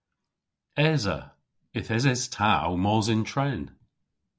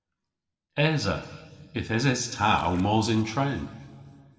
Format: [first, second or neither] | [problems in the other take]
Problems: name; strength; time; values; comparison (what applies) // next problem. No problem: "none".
first | noise reduction (neural separator model SepFormer DNS4)